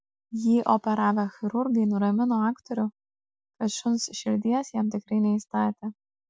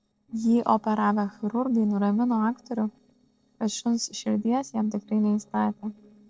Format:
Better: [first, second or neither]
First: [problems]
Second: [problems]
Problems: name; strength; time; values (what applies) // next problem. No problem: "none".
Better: first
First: none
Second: noise reduction (neural separator model SepFormer DNS4)